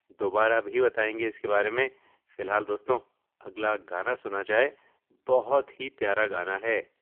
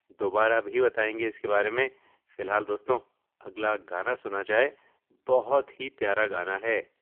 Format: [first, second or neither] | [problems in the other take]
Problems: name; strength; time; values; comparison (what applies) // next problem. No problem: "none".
neither | phone-call audio; poor line; nothing above 3 kHz; the same in both